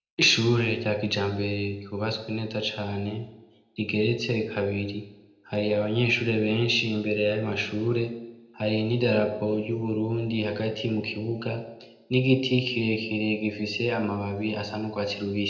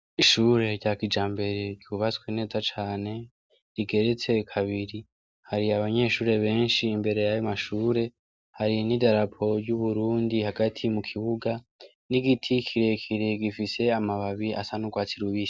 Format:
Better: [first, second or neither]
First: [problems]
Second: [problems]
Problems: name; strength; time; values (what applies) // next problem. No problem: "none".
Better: second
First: room echo; dies away in 0.7 s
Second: none